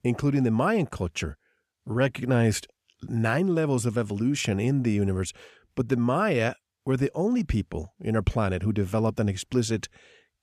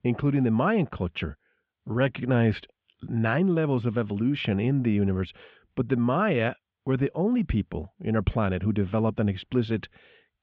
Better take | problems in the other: first | muffled; very; fading above 3.5 kHz

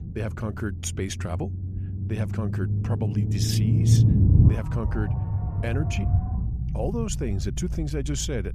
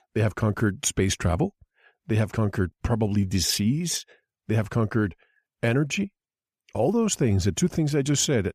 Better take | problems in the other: second | low rumble; loud; throughout; 2 dB below the speech

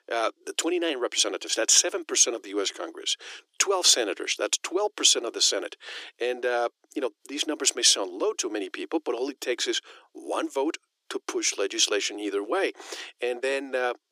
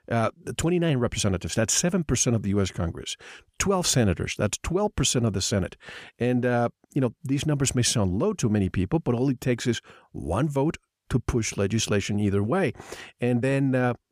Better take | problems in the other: second | thin; very; fading below 300 Hz

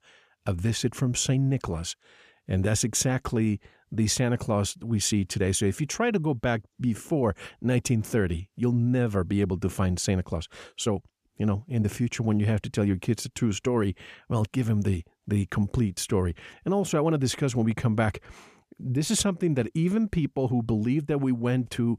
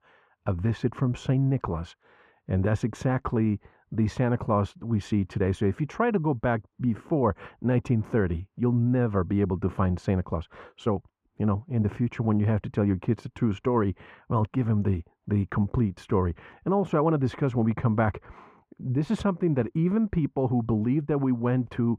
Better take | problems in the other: first | muffled; very; fading above 3.5 kHz

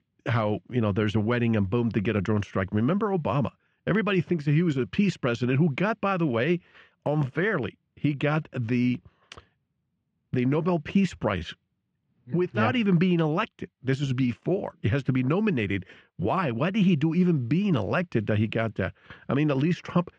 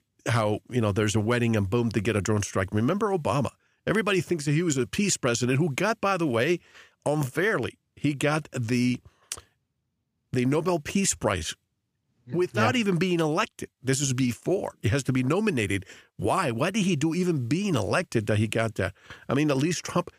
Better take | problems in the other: second | muffled; very; fading above 3.5 kHz

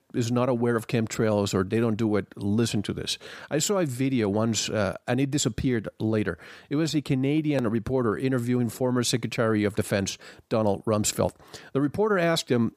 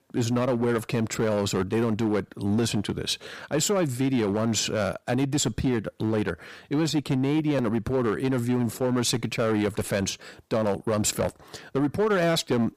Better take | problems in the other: first | distortion; slight; 8% of the sound clipped

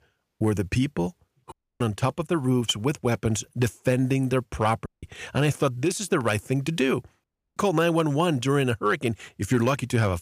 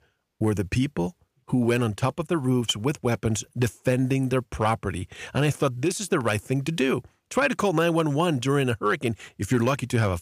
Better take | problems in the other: second | audio cutting out; at 1.5 s, at 5 s and at 7 s

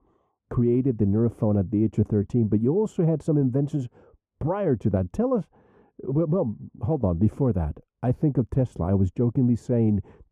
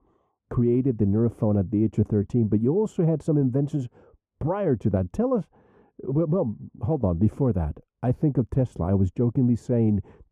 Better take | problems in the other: neither | muffled; very; fading above 1 kHz; the same in both

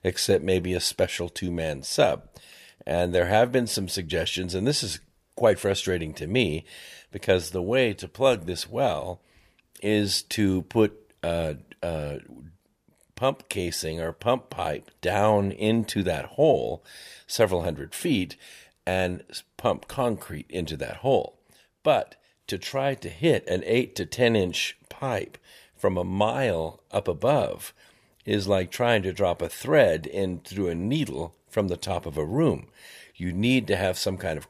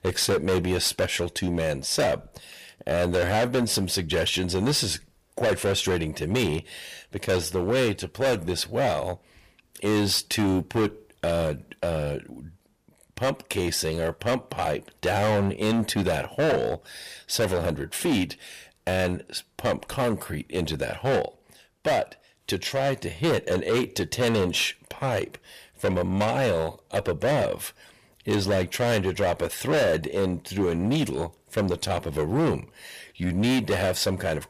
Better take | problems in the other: first | distortion; heavy; 13% of the sound clipped

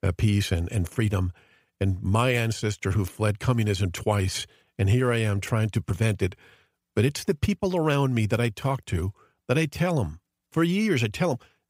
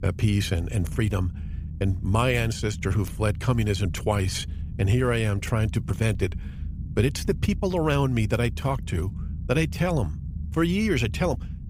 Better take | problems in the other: first | low rumble; noticeable; throughout; 20 dB below the speech

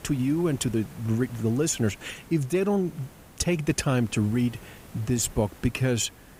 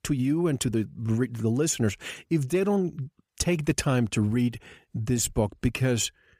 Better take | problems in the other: second | hiss; faint; throughout; 20 dB below the speech

